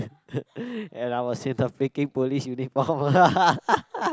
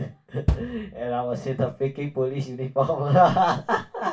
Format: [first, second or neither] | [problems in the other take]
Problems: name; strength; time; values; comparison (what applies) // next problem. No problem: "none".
first | background sound (Bass drum); 8 dB below the speech // room echo; dies away in 0.2 s